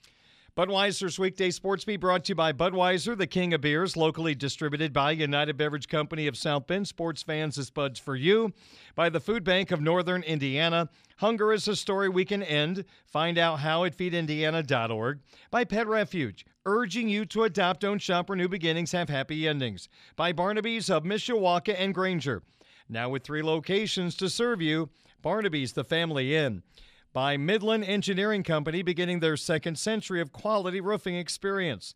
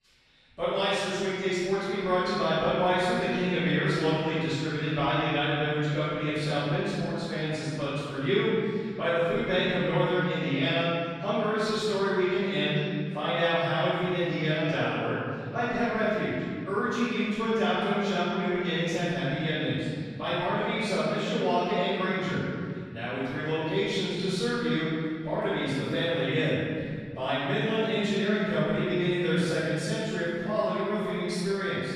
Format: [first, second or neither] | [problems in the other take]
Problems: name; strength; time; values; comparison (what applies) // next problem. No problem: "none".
first | off-mic speech; far // room echo; strong; dies away in 2 s